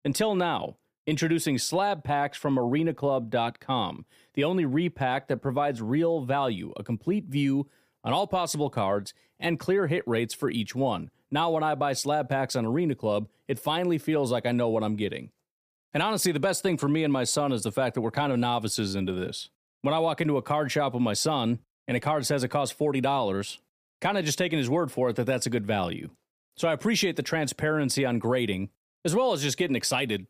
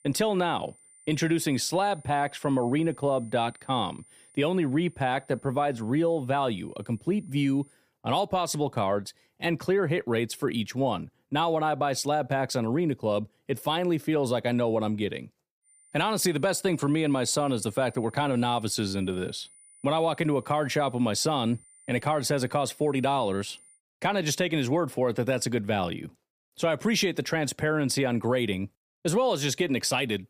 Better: first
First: none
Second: high-pitched whine; faint; until 7.5 s and from 16 to 24 s; 9 kHz, 25 dB below the speech

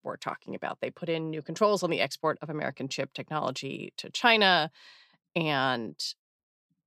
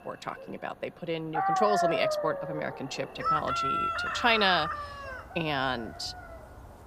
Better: first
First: none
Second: animal sounds; very loud; throughout; as loud as the speech

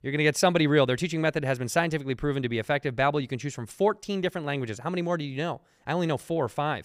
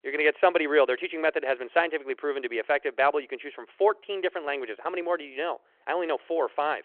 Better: first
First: none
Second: phone-call audio

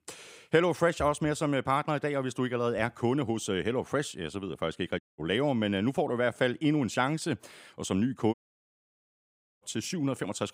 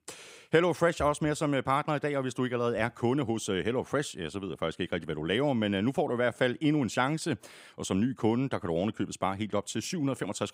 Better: second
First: audio cutting out; at 5 s and at 8.5 s for 1.5 s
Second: none

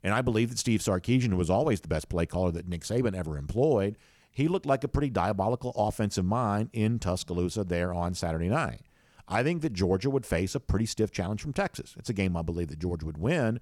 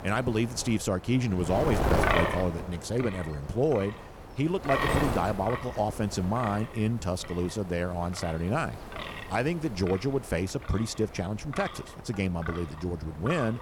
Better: first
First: none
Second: wind noise on the microphone; heavy; 2 dB below the speech

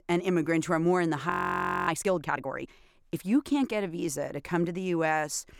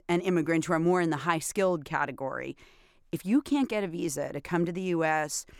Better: second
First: audio freezing; at 1.5 s for 0.5 s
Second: none

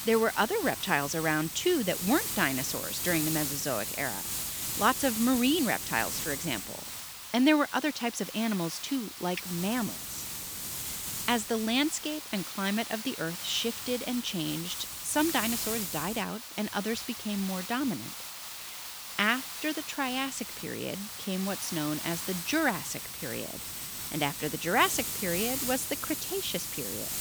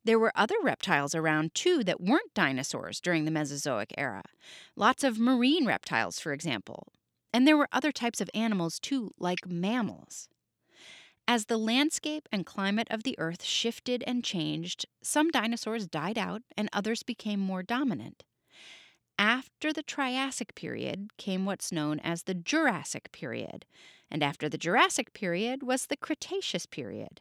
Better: second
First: hiss; loud; throughout; 4 dB below the speech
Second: none

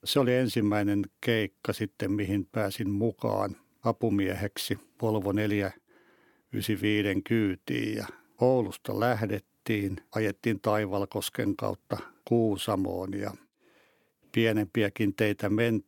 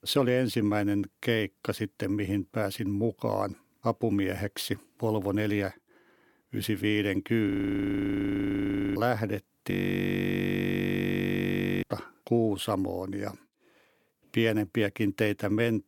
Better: first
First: none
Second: audio freezing; at 7.5 s for 1.5 s and at 9.5 s for 2 s

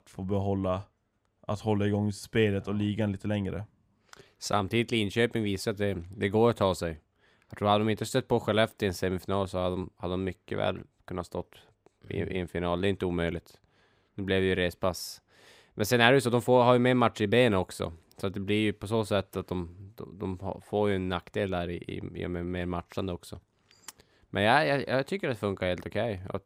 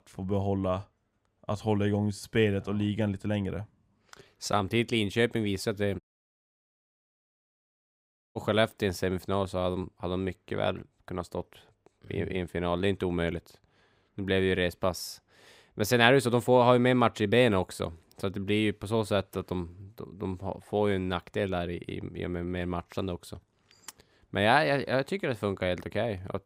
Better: first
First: none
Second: audio cutting out; at 6 s for 2.5 s

